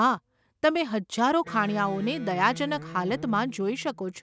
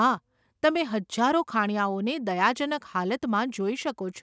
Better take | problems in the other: second | background sound (Electric guitar); 14 dB below the speech

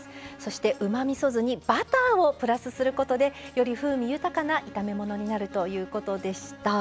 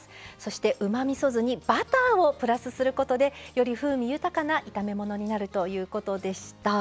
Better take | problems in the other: second | background sound (Bowed string instrument); 19 dB below the speech

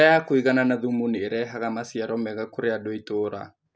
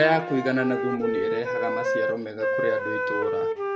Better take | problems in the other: first | background sound (Wind instrument, woodwind instrument); as loud as the speech // room echo; dies away in 1.4 s

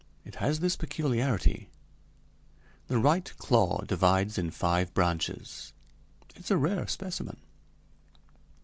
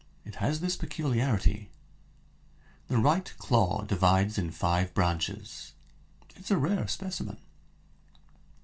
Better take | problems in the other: first | room echo; dies away in 0.2 s

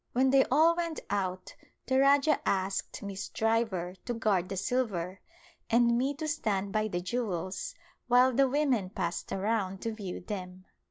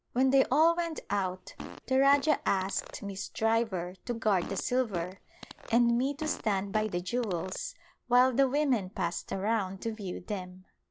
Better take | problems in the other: first | background sound (Fart); 15 dB below the speech

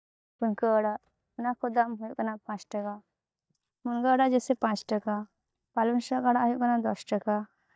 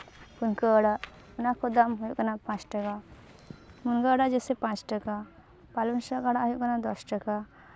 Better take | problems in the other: second | noise reduction (neural mask model DeepFilterNet 3)

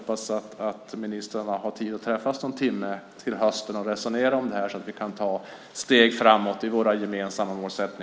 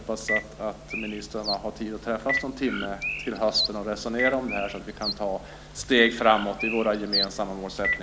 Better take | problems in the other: first | background sound (Telephone + Bird); 4 dB below the speech

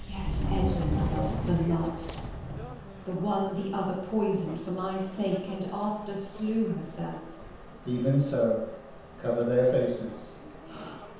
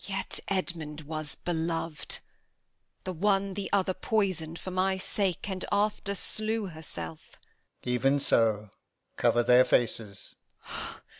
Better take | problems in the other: second | background sound (Subway, metro, underground); 6 dB below the speech // room echo; dies away in 0.9 s

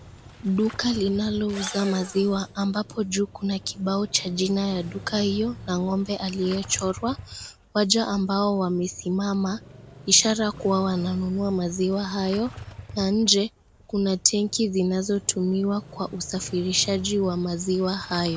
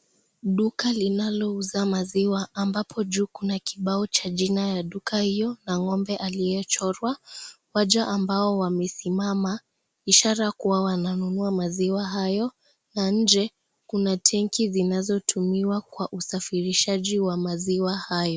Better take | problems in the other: second | background sound (Engine / Drill + Engine starting / Motorcycle); 17 dB below the speech

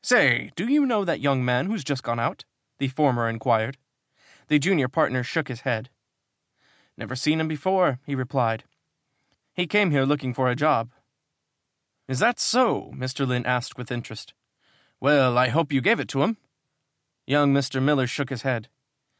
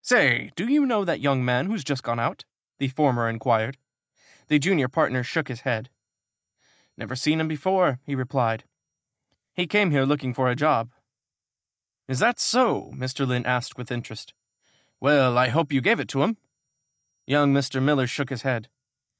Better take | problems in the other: first | noise reduction (neural mask model DeepFilterNet 3)

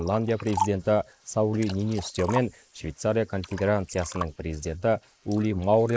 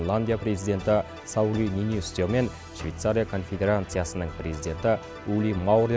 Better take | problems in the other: second | noise reduction (neural mask model Resemble Enhance denoiser)

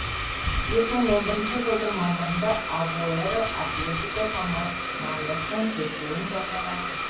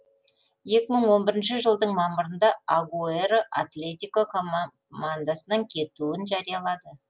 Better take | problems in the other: second | background sound (Domestic sounds, home sounds); 2 dB below the speech // room echo; dies away in 0.6 s

